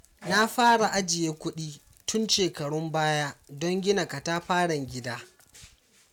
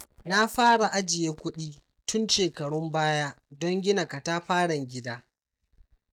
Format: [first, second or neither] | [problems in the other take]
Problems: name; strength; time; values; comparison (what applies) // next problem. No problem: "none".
first | noise reduction (neural mask model DeepFilterNet 3)